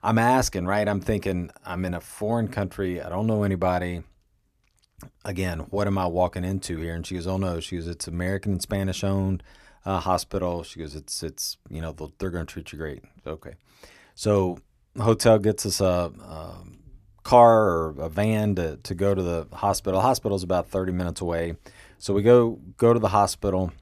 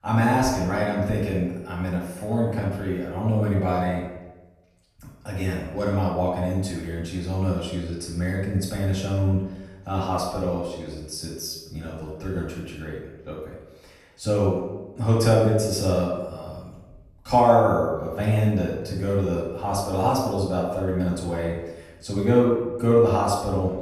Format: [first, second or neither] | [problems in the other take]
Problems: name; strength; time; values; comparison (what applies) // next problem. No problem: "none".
first | off-mic speech; far // room echo; noticeable; dies away in 0.8 s